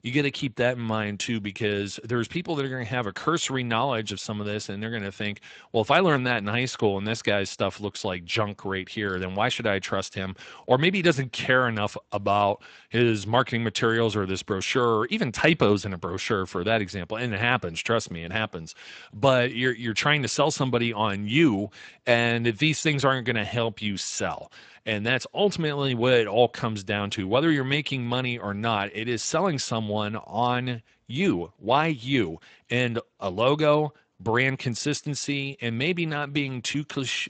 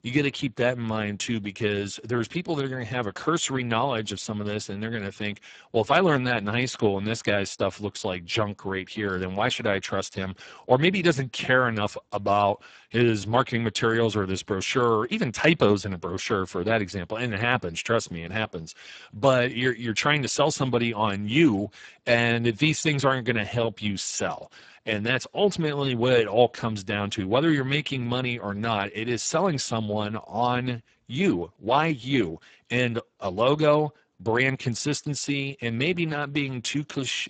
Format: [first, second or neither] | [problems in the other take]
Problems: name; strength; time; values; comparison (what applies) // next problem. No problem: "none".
first | garbled, watery; badly; nothing above 7.5 kHz; slightly in the first